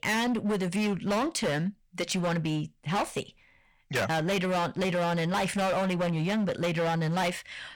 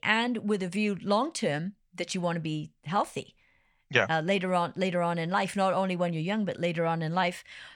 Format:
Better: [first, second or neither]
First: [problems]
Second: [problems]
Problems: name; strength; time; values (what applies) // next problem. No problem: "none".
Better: second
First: distortion; heavy; 23% of the sound clipped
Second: none